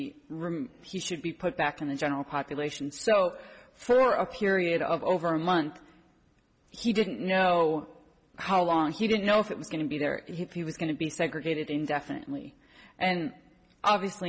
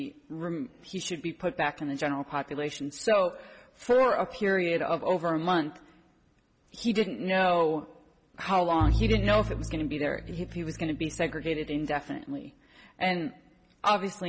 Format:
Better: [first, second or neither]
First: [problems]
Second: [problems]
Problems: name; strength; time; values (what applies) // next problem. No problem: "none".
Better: first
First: none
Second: background sound (Bowed string instrument); 3 dB below the speech